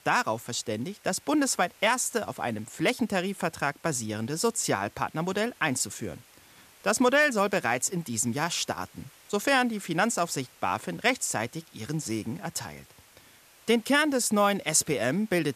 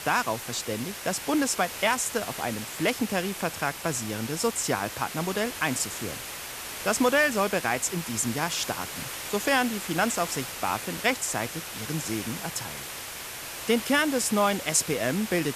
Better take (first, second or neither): first